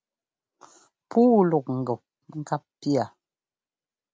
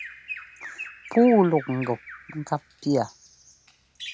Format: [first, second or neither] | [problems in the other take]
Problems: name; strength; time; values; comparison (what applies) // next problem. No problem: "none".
first | background sound (Bird vocalization, bird call, bird song); 16 dB below the speech